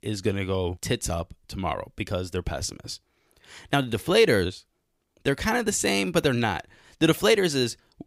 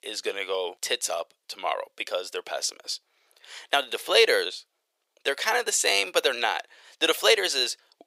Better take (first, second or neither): first